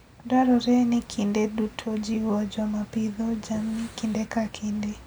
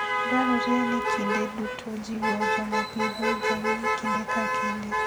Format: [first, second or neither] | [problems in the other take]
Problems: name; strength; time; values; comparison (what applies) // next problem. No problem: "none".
first | background sound (Motor vehicle (road)); 3 dB above the speech